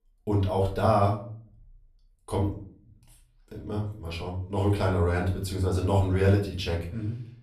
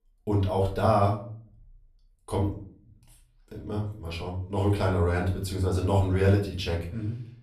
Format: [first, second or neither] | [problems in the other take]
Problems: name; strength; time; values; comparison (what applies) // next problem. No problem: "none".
neither | off-mic speech; far; the same in both // room echo; slight; dies away in 0.4 s; the same in both